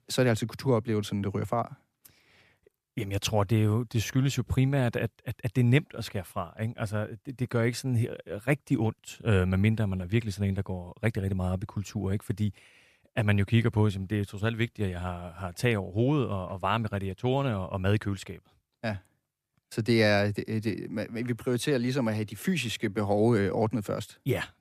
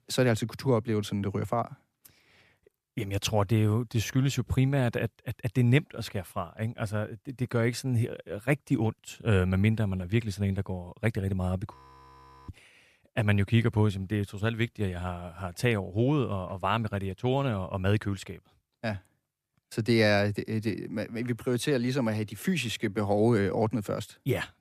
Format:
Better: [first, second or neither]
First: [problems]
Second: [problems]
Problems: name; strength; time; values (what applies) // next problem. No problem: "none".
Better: first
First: none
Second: audio freezing; at 12 s for 0.5 s